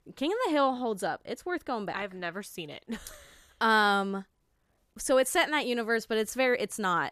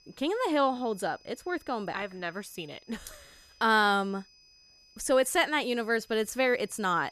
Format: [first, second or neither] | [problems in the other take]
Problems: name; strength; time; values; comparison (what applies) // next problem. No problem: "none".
first | high-pitched whine; faint; throughout; 5 kHz, 30 dB below the speech